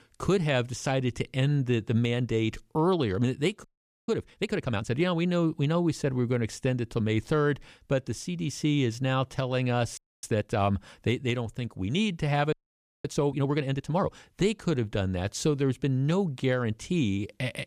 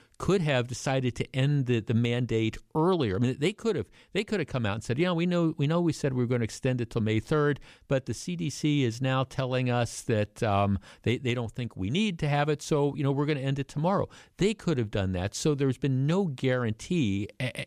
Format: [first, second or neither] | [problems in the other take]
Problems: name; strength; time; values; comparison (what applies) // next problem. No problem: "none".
second | audio freezing; at 3.5 s, at 10 s and at 13 s for 0.5 s